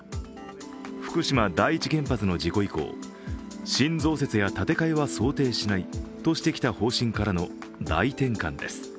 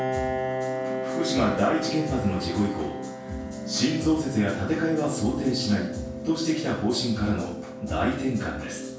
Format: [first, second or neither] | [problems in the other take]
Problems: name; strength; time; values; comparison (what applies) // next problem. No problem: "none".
first | background sound (Piano); 7 dB below the speech // room echo; dies away in 0.7 s